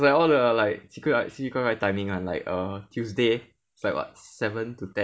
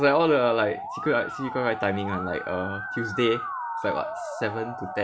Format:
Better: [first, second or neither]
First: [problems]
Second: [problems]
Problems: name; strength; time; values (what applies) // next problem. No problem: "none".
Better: first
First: none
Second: background sound (Musical instrument); 8 dB below the speech